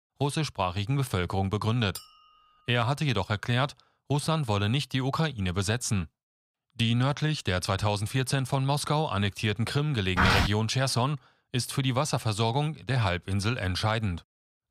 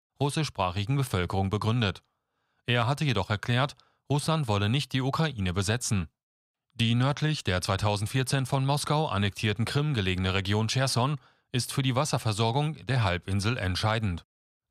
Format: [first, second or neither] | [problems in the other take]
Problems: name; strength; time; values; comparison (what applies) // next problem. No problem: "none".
second | clattering dishes; faint; at 2 s; peak 15 dB below the speech // footsteps; loud; at 10 s; peak 5 dB above the speech